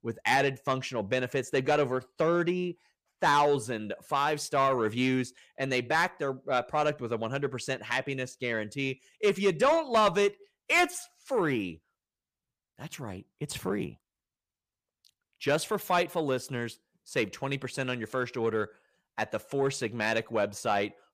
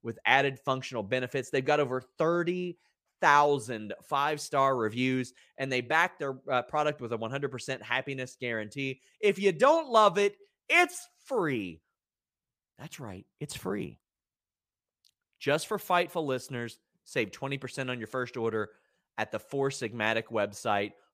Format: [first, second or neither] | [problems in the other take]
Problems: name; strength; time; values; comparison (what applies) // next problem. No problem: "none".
second | distortion; slight; 10 dB below the speech